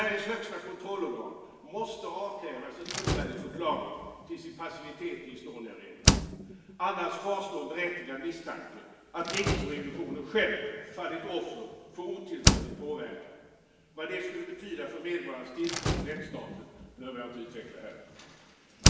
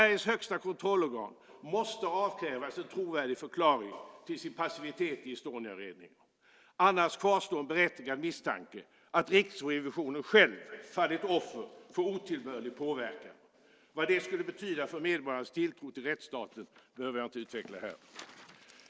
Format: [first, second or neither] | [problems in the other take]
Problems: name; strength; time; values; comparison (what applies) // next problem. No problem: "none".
second | background sound (Slam); 2 dB above the speech // room echo; dies away in 1.3 s